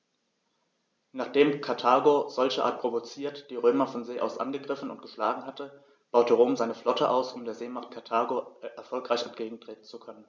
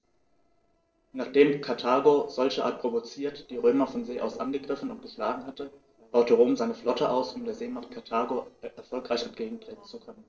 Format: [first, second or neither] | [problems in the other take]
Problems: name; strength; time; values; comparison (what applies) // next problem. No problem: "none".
first | noise reduction (neural separator model SepFormer DNS4)